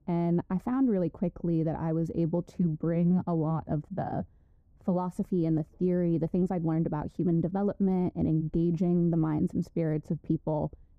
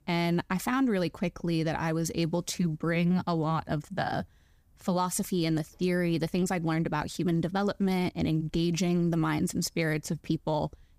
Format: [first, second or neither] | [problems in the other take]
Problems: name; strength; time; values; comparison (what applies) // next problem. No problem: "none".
second | muffled; very; fading above 1.5 kHz